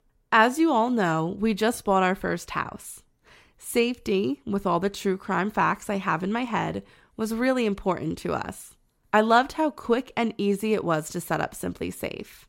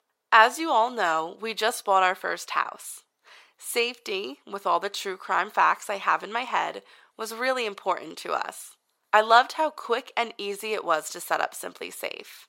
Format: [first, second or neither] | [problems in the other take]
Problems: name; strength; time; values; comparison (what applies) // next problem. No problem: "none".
first | thin; very; fading below 700 Hz